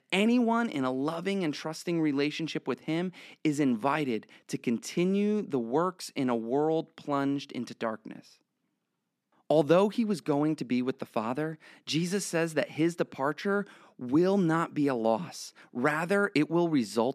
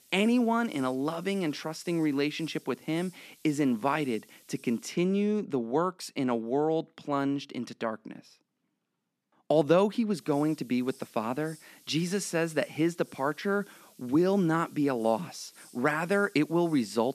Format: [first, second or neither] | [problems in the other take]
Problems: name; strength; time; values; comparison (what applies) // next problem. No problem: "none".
first | hiss; faint; until 5 s and from 10 s on; 25 dB below the speech